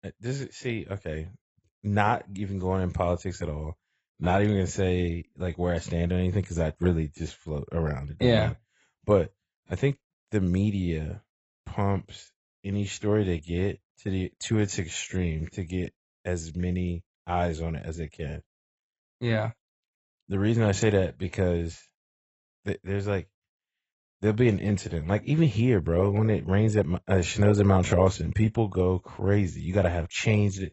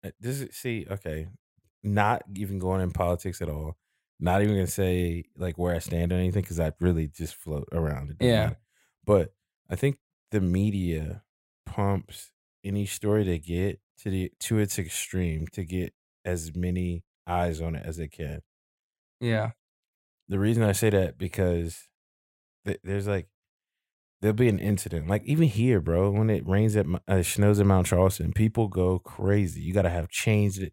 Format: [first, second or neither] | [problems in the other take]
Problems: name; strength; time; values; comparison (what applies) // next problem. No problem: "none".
second | garbled, watery; badly; nothing above 8 kHz